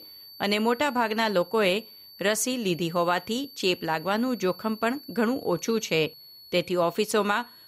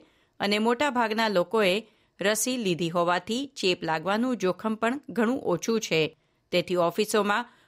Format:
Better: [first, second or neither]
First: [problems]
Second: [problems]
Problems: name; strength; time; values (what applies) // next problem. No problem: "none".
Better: second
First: high-pitched whine; noticeable; throughout; 4.5 kHz, 20 dB below the speech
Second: none